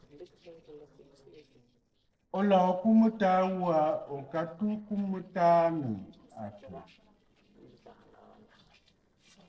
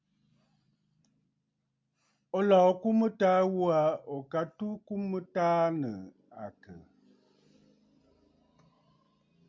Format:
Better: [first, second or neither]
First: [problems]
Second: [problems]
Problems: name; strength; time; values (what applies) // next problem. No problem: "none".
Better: second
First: noise reduction (neural separator model SepFormer DNS4)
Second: none